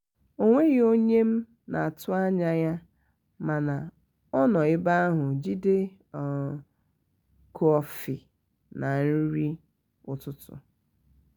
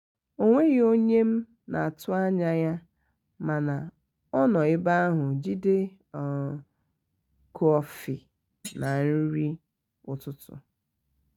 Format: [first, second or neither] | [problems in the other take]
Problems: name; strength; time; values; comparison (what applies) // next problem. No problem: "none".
first | noise reduction (neural mask model RNNoise)